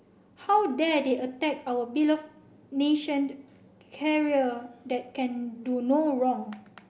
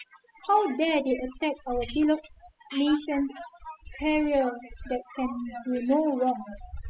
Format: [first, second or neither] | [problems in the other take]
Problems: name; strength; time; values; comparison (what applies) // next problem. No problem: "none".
first | noise reduction (classical method spectral subtraction)